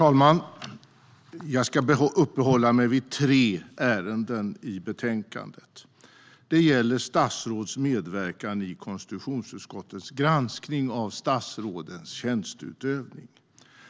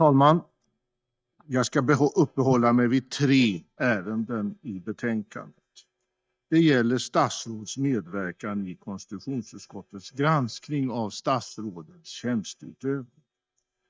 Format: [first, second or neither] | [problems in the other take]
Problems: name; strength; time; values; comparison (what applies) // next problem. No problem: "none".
first | noise reduction (neural mask model DeepFilterNet 3)